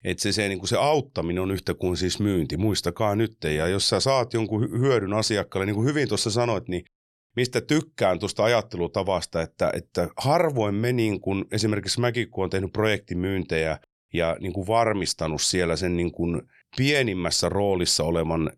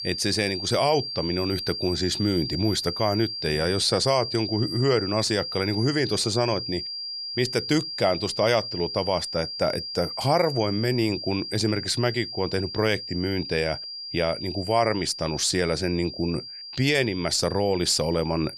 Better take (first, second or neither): first